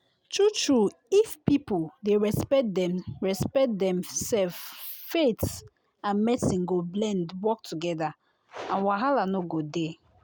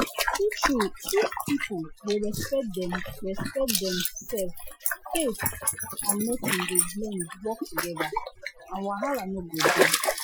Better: first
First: none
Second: noise reduction (classical method Wiener filter)

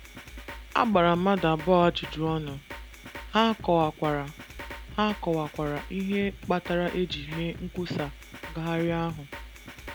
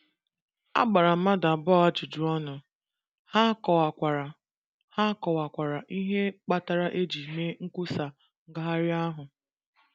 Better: second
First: background sound (Drum kit); 14 dB below the speech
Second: none

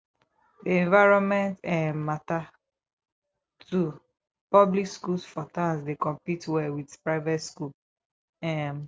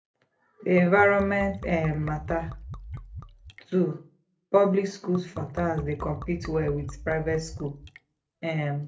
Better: first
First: none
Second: background sound (Liquid); 12 dB below the speech // room echo; dies away in 0.3 s

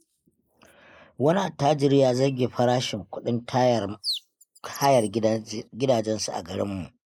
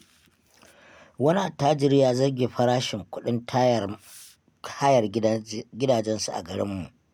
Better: second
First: noise reduction (neural mask model Resemble Enhance denoiser)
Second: none

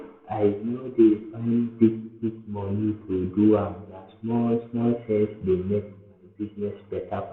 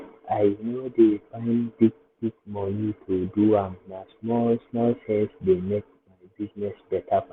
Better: second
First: room echo; dies away in 0.6 s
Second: none

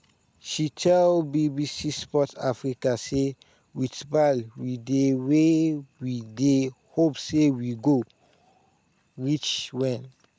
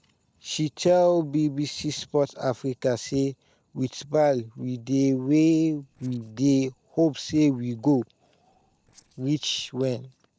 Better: first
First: none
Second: noise reduction (neural separator model SepFormer DNS4)

